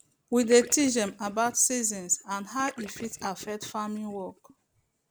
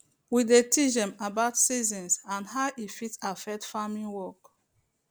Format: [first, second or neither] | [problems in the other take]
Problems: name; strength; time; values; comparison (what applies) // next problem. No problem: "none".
second | background sound (Gurgling / Liquid); 19 dB below the speech